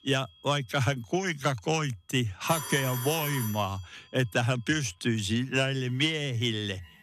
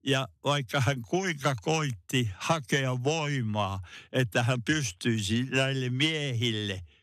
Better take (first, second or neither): second